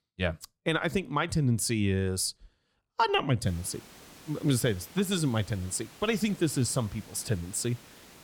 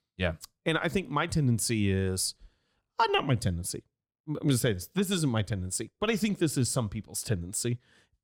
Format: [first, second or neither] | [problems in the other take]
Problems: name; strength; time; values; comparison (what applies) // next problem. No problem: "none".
second | hiss; faint; from 3.5 s on; 20 dB below the speech